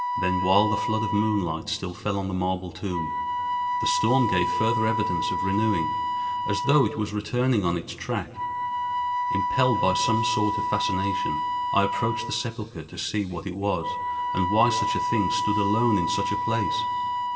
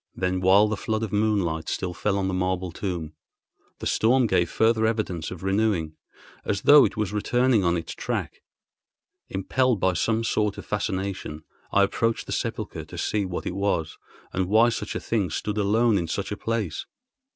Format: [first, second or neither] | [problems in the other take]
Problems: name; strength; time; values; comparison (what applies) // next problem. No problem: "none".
second | background sound (Wind instrument, woodwind instrument); 1 dB below the speech // room echo; dies away in 2.7 s